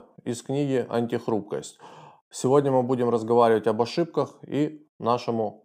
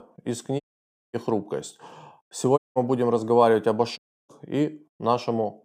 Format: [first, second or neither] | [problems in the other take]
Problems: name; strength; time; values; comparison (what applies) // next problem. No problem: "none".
first | audio cutting out; at 0.5 s for 0.5 s, at 2.5 s and at 4 s